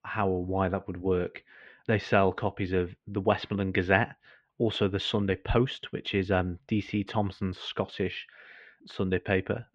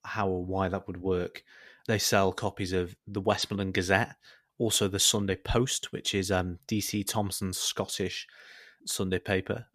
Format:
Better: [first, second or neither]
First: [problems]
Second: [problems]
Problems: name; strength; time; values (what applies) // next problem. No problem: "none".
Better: second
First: muffled; very; fading above 3 kHz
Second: none